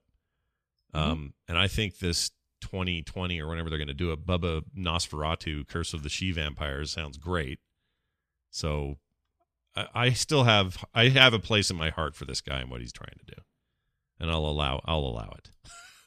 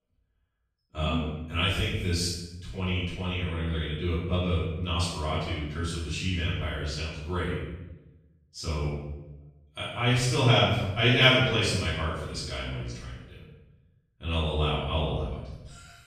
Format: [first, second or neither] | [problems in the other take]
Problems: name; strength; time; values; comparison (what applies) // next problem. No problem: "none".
first | room echo; strong; dies away in 0.8 s // off-mic speech; far